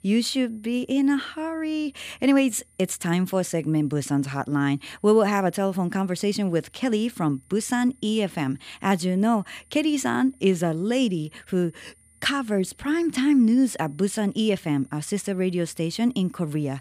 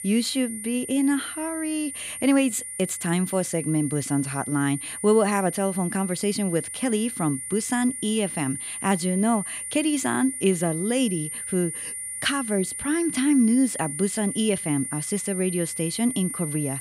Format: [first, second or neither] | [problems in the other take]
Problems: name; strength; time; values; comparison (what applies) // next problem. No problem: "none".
first | high-pitched whine; loud; throughout; 9 kHz, 6 dB below the speech; faint in the first